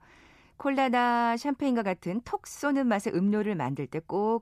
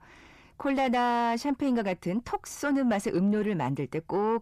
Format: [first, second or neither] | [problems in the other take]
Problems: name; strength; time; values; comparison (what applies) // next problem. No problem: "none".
first | distortion; slight; 10 dB below the speech